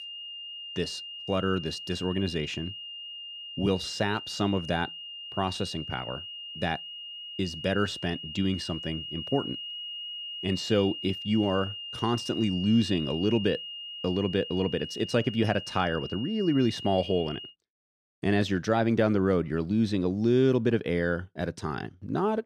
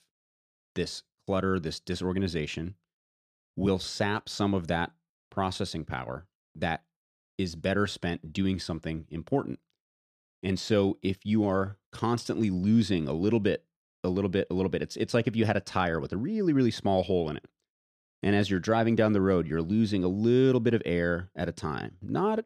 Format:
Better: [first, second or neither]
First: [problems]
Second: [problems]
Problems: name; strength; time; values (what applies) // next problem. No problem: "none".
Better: second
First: high-pitched whine; loud; until 17 s; 3 kHz, 9 dB below the speech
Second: none